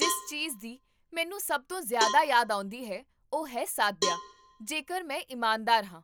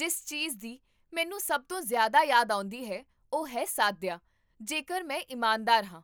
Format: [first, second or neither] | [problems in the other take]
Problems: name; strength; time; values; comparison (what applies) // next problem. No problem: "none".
second | background sound (Cowbell); 8 dB below the speech